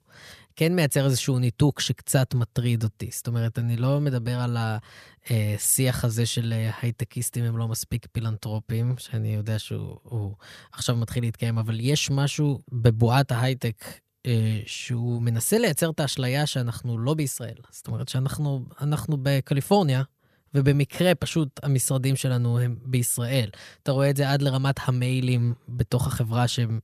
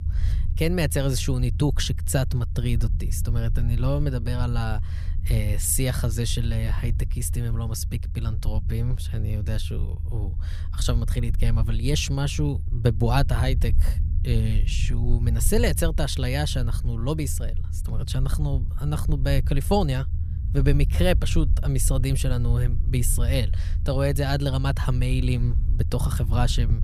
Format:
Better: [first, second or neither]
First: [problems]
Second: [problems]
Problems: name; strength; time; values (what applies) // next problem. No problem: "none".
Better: first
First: none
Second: low rumble; noticeable; throughout; 15 dB below the speech